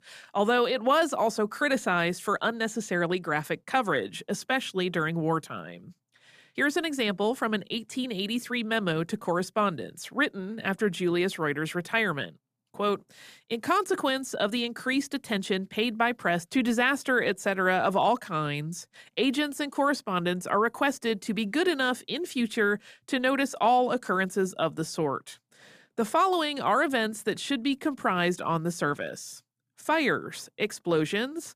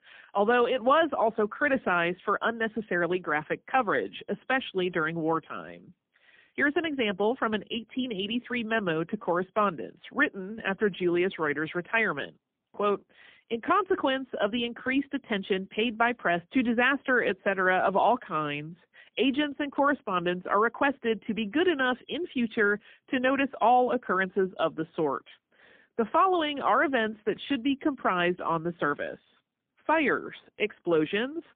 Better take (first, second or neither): first